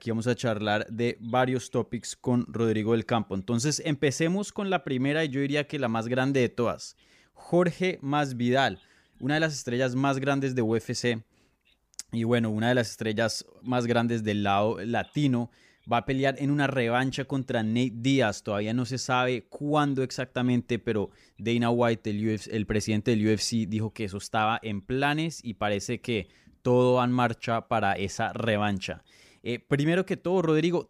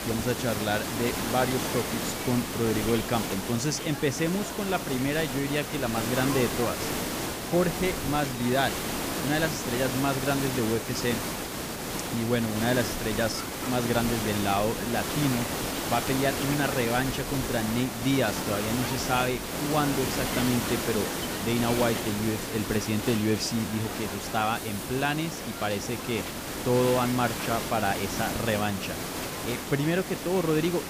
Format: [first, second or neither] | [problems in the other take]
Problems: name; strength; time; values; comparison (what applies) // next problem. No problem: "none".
first | hiss; loud; throughout; 3 dB below the speech